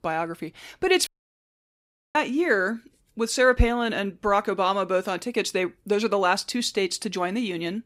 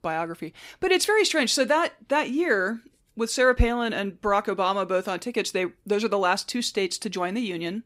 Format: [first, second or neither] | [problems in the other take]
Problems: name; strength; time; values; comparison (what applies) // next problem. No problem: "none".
second | audio cutting out; at 1 s for 1 s